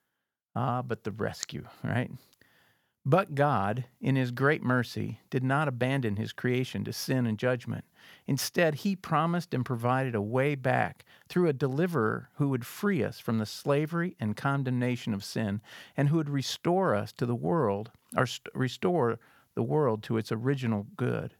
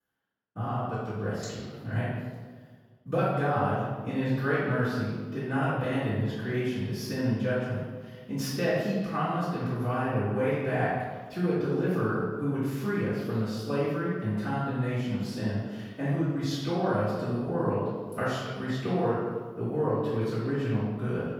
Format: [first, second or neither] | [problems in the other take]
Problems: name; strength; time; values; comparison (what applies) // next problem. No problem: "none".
first | off-mic speech; far // room echo; strong; dies away in 1.3 s